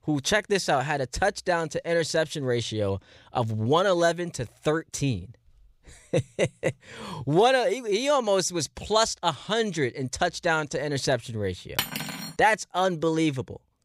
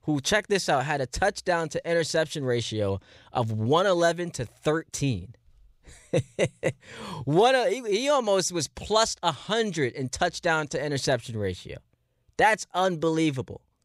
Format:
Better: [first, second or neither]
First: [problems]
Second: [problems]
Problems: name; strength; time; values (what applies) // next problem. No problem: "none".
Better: second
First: clattering dishes; noticeable; at 12 s; peak 3 dB below the speech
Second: none